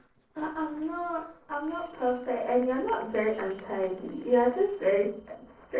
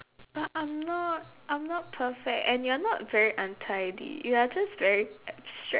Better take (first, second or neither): second